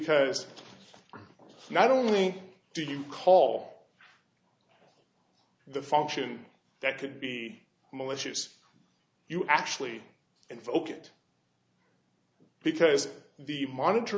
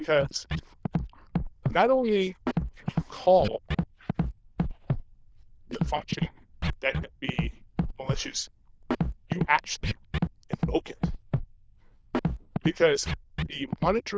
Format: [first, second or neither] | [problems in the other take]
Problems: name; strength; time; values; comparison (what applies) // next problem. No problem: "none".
first | noise reduction (neural diffusion model UNIVERSE++)